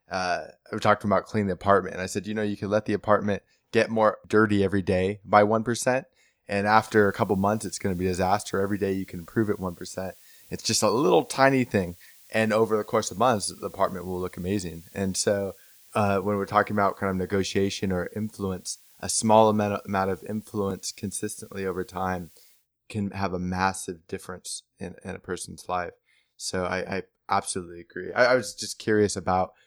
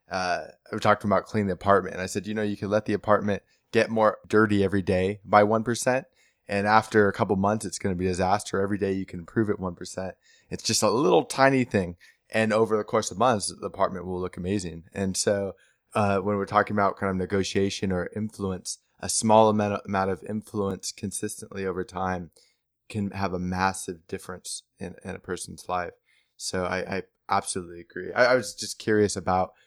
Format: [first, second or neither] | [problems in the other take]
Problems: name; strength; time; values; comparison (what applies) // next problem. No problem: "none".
second | hiss; faint; from 6.5 to 23 s; 25 dB below the speech